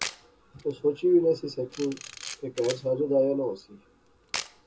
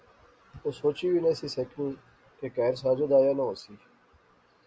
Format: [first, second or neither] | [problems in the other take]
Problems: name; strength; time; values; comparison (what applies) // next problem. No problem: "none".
second | background sound (Camera); 14 dB below the speech // room echo; dies away in 0.2 s